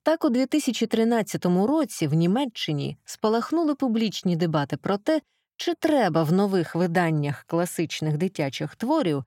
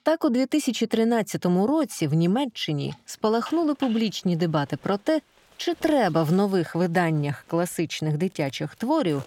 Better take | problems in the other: first | household noises; faint; throughout; 25 dB below the speech

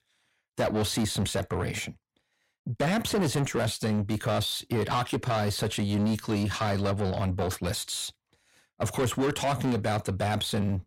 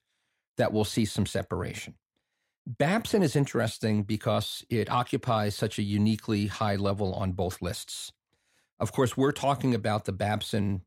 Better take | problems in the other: second | distortion; heavy; 8 dB below the speech

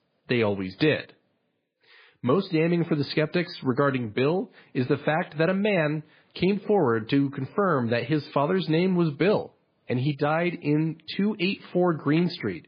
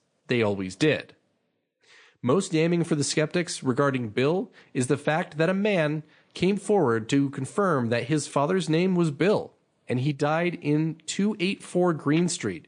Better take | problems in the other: second | garbled, watery; badly; nothing above 4.5 kHz; slightly in the second

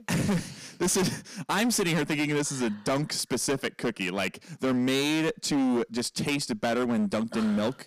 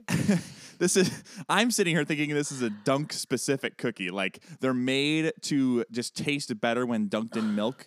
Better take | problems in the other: second | distortion; heavy; 18% of the sound clipped

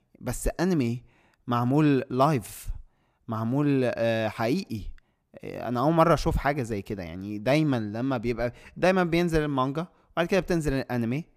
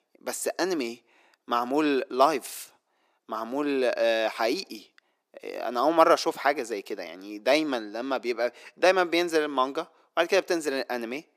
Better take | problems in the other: first | thin; somewhat; fading below 350 Hz

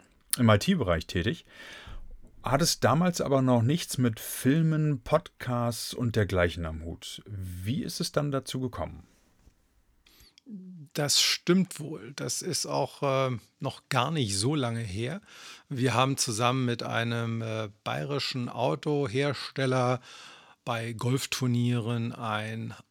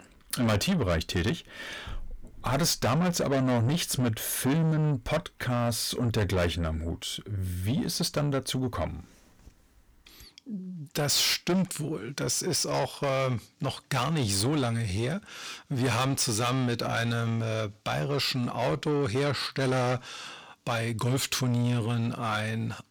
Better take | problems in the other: first | distortion; heavy; 7 dB below the speech

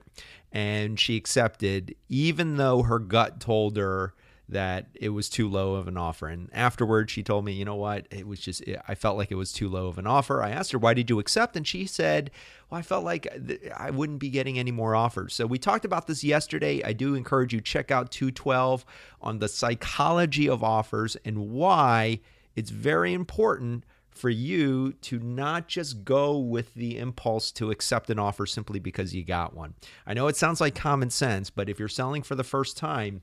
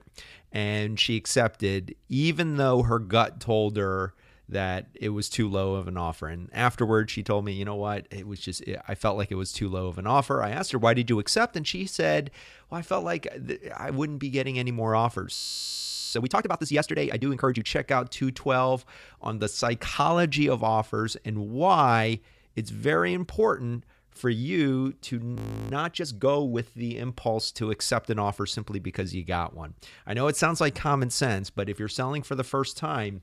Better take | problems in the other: first | audio freezing; at 15 s for 1 s and at 25 s

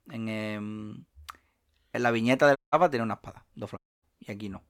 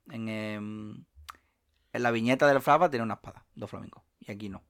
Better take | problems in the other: second | audio cutting out; at 2.5 s and at 4 s

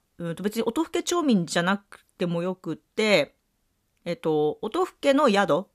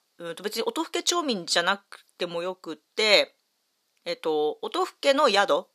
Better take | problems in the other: first | thin; somewhat; fading below 450 Hz

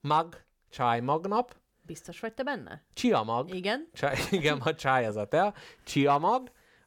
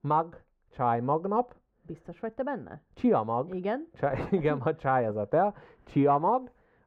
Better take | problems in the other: first | muffled; very; fading above 2.5 kHz

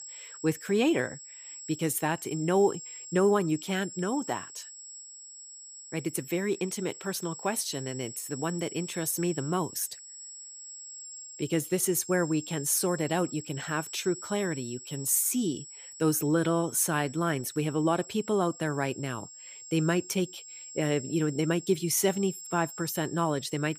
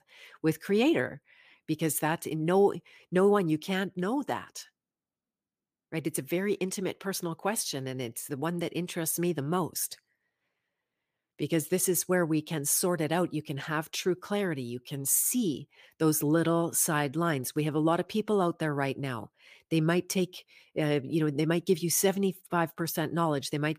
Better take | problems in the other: second | high-pitched whine; noticeable; throughout; 7.5 kHz, 15 dB below the speech

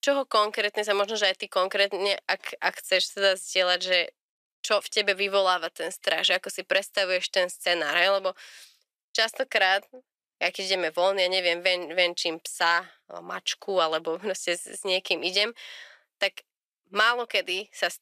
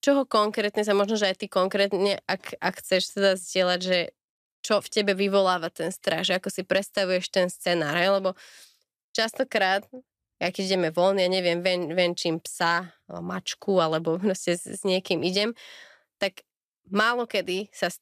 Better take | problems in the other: second | thin; somewhat; fading below 500 Hz

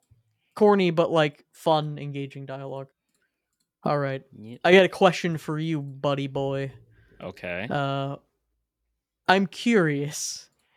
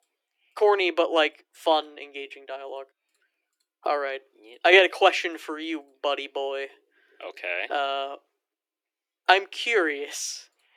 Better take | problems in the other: first | thin; very; fading below 300 Hz

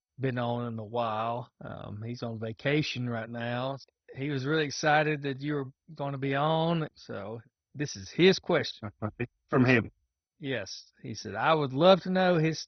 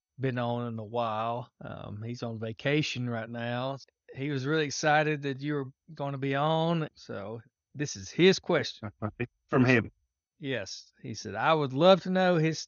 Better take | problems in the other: second | garbled, watery; badly; nothing above 6 kHz; slightly in the second

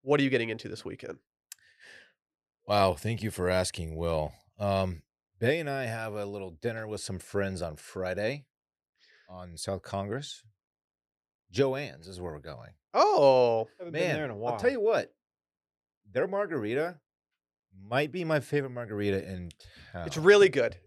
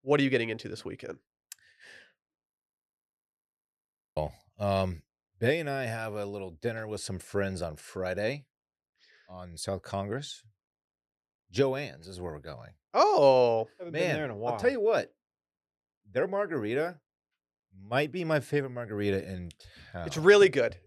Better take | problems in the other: first | audio freezing; at 2.5 s for 1.5 s

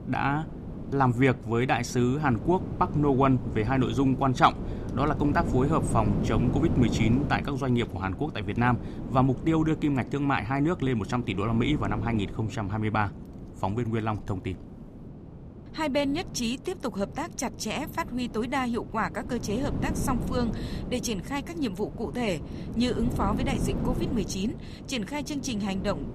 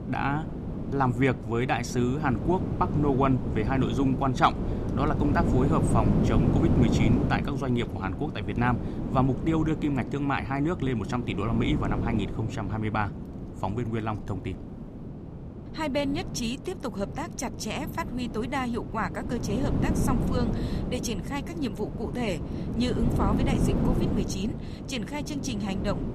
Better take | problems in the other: first | wind noise on the microphone; heavy; 6 dB below the speech; occasional gusts in the first

